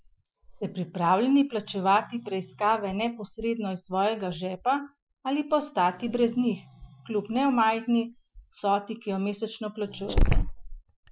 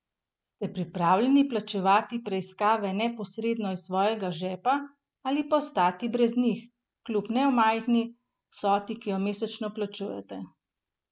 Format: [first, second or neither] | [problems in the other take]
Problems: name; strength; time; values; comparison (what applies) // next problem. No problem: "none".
second | noise reduction (classical method Wiener filter)